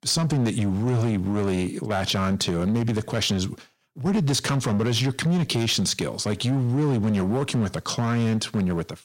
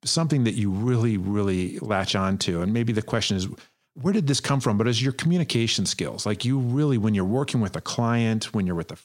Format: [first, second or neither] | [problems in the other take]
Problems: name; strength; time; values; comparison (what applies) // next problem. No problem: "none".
second | distortion; slight; 13% of the sound clipped